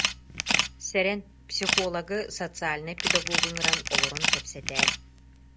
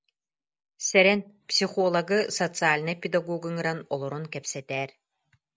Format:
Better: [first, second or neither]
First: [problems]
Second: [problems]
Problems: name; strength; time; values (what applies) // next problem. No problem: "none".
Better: second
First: background sound (Camera); 4 dB above the speech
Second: none